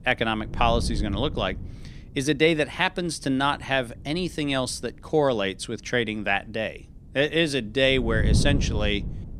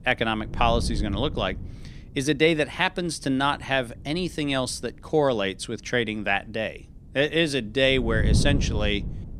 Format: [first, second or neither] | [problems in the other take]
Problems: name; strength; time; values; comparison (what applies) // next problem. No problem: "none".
neither | wind noise on the microphone; occasional gusts; 15 dB below the speech; the same in both